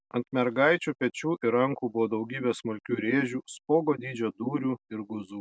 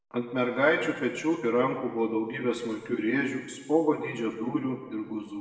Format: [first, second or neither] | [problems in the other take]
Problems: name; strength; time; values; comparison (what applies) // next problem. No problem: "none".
first | room echo; dies away in 1.2 s